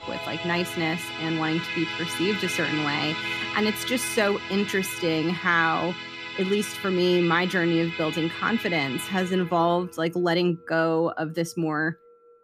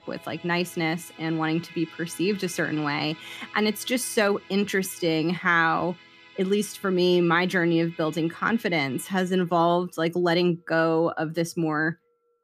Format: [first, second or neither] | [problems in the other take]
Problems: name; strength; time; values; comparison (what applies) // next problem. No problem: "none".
second | background music; loud; throughout; 6 dB below the speech; faint in the second